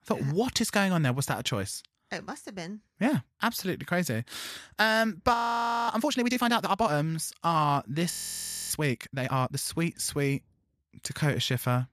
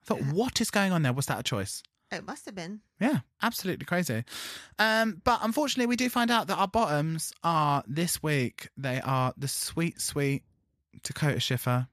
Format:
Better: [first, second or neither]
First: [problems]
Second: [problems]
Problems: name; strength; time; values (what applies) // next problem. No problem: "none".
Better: second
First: audio freezing; at 5.5 s for 0.5 s and at 8 s for 0.5 s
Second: none